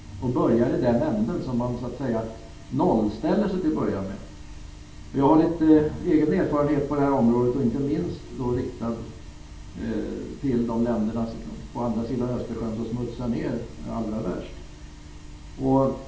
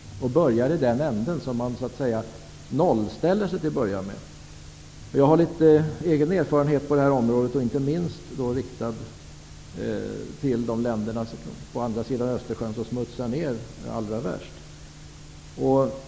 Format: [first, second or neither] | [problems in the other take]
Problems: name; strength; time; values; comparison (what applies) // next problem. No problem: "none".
second | room echo; dies away in 0.3 s